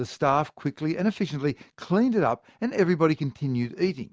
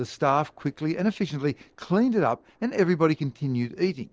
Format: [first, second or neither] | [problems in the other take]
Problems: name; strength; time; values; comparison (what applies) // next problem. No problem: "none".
first | noise reduction (neural separator model SepFormer DNS4)